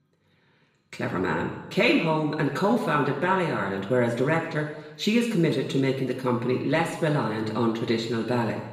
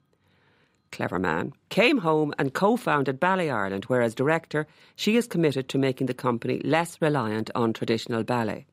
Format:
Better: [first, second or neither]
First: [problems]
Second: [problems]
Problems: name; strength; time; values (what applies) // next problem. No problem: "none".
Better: second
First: room echo; noticeable; dies away in 0.9 s // off-mic speech; far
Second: none